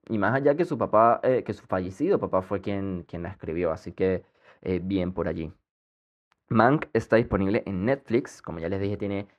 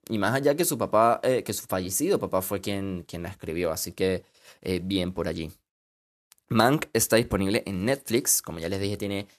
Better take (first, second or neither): second